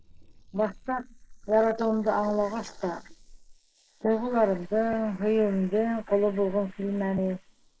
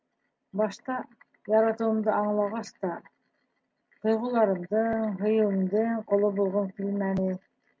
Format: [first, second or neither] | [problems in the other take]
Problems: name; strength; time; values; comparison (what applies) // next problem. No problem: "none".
second | noise reduction (neural mask model Resemble Enhance denoiser)